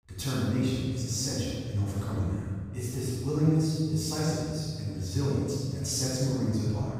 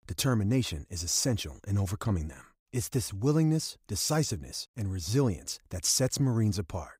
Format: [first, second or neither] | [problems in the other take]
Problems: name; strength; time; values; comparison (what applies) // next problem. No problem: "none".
second | off-mic speech; far // room echo; strong; dies away in 2.1 s